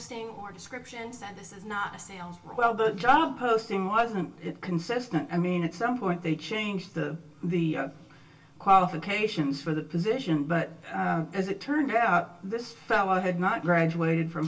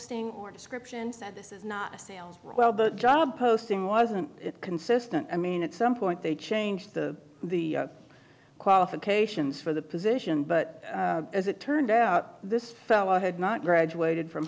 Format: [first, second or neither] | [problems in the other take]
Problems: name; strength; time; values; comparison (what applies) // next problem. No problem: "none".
second | room echo; dies away in 0.1 s